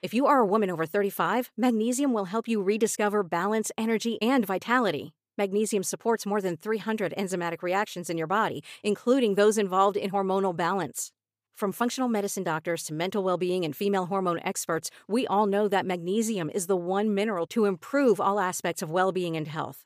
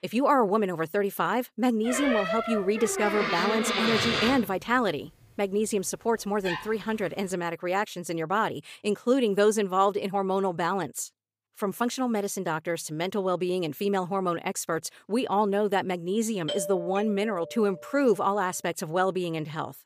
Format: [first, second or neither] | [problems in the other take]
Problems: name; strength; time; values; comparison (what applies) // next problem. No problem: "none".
first | door banging; loud; from 2 to 6.5 s; peak 2 dB above the speech // doorbell; noticeable; from 16 to 18 s; peak 6 dB below the speech